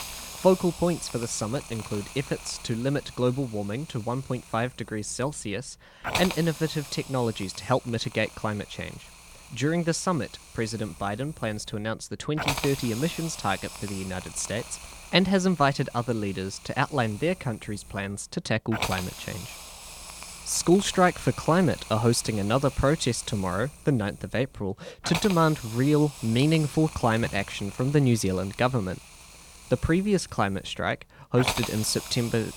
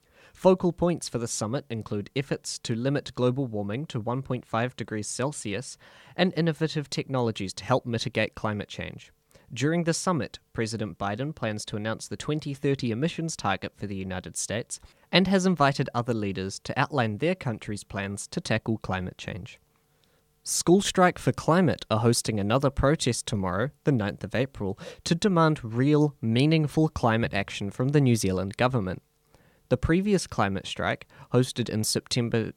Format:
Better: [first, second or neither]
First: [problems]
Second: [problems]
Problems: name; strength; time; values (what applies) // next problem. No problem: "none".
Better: second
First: hiss; noticeable; throughout; 10 dB below the speech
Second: none